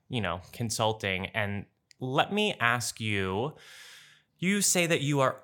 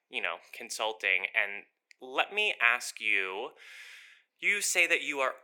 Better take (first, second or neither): first